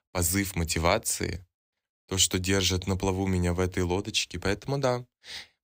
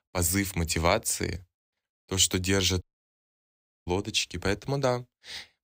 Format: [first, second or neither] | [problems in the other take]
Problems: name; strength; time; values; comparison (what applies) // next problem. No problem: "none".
first | audio cutting out; at 3 s for 1 s